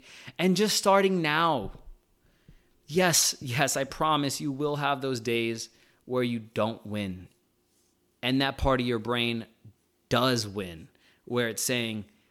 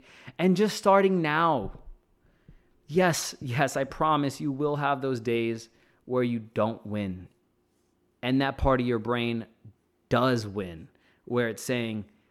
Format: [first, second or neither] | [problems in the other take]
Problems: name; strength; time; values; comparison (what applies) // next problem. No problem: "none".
first | muffled; slightly; fading above 2.5 kHz